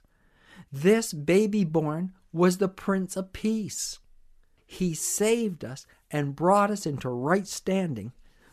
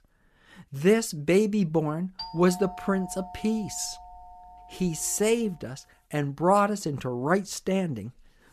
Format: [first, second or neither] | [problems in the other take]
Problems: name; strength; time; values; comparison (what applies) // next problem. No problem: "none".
first | doorbell; faint; from 2 to 5.5 s; peak 10 dB below the speech